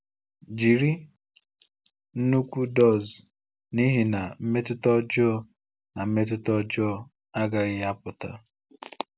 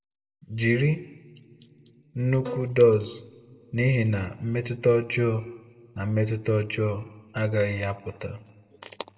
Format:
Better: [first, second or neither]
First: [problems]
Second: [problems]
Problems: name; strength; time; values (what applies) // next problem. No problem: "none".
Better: first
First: none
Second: background sound (Bowed string instrument); 16 dB below the speech // room echo; dies away in 0.6 s